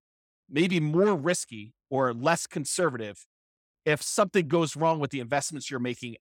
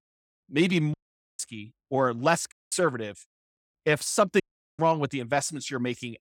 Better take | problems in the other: first | audio cutting out; at 1 s, at 2.5 s and at 4.5 s

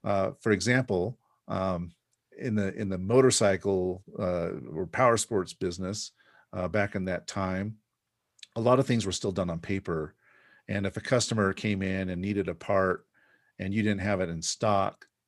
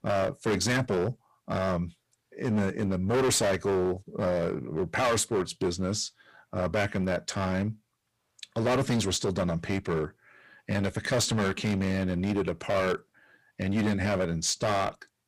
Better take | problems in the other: first | distortion; heavy; 13% of the sound clipped

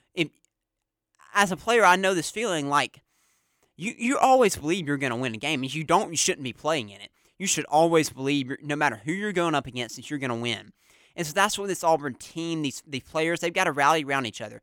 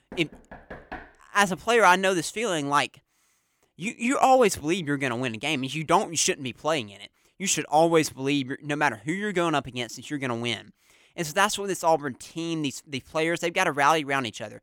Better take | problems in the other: first | door banging; faint; at the start; peak 15 dB below the speech

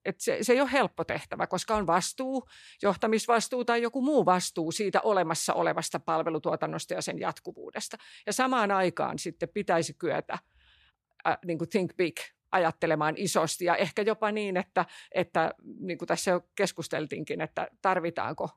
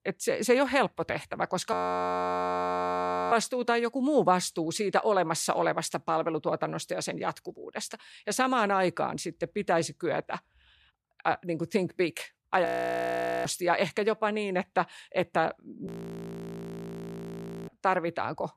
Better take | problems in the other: first | audio freezing; at 1.5 s for 1.5 s, at 13 s for 1 s and at 16 s for 2 s

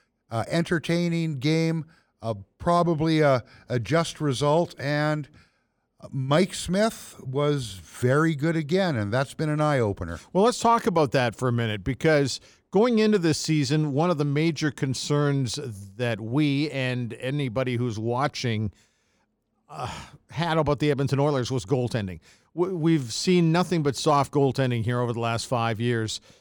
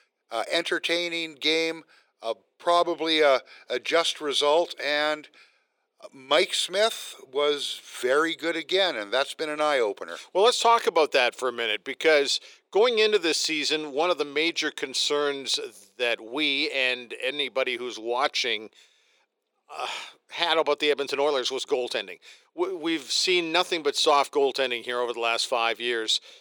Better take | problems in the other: first | thin; very; fading below 400 Hz

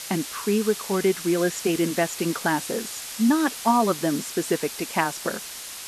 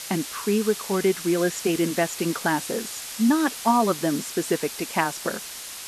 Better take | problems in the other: neither | hiss; loud; throughout; 8 dB below the speech; the same in both

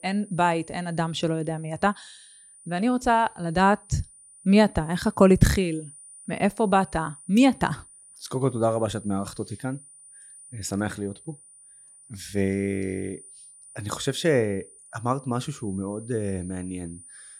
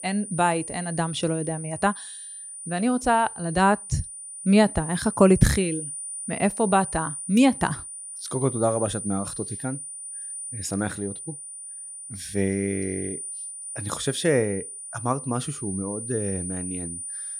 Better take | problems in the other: first | high-pitched whine; loud; throughout; 9.5 kHz, 8 dB below the speech; faint in the first

